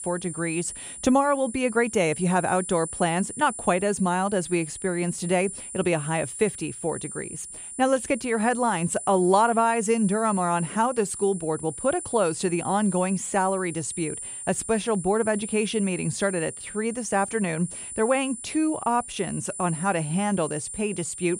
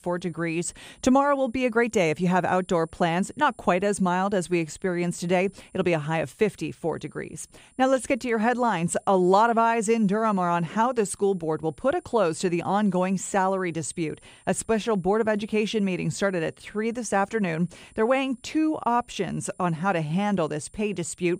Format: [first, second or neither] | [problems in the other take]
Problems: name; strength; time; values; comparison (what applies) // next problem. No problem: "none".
second | high-pitched whine; loud; throughout; 9.5 kHz, 9 dB below the speech; faint in the second